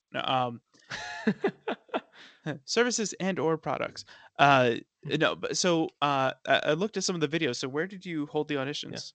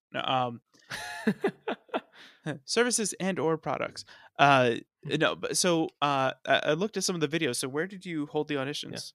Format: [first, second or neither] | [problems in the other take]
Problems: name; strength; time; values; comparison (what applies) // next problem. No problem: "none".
second | garbled, watery; slightly; nothing above 7.5 kHz